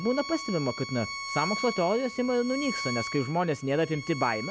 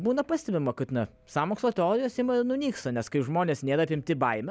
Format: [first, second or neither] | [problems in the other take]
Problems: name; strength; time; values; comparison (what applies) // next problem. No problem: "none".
second | background sound (Bowed string instrument); 8 dB below the speech